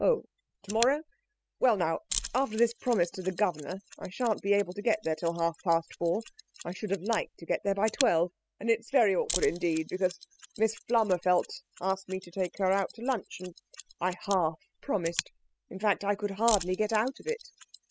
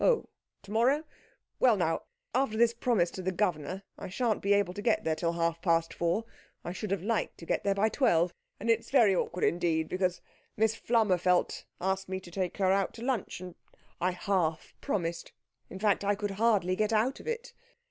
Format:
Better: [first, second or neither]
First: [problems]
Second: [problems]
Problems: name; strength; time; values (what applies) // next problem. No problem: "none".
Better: second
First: noise reduction (classical method spectral subtraction)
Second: none